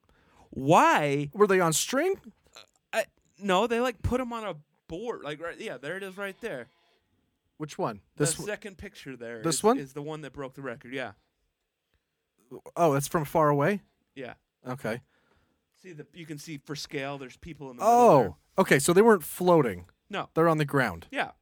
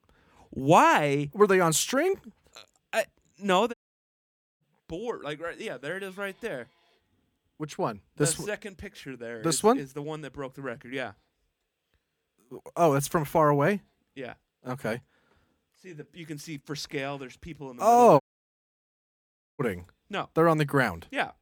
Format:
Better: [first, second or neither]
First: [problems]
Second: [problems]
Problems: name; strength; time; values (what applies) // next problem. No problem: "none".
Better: first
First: none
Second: audio cutting out; at 3.5 s for 1 s and at 18 s for 1.5 s